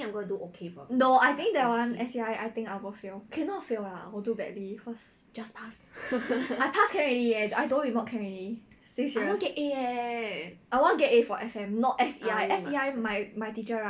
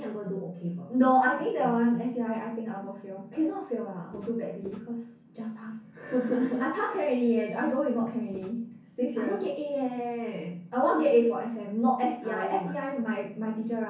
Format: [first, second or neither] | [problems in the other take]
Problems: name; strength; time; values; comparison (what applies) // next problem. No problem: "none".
first | background sound (Walk, footsteps); 18 dB below the speech // room echo; dies away in 0.5 s